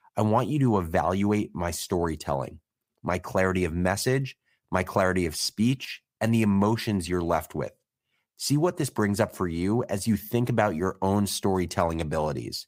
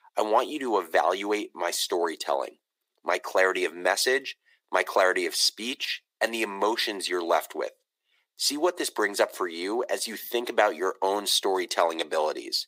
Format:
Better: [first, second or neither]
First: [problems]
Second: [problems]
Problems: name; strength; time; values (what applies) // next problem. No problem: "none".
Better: first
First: none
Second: thin; very; fading below 350 Hz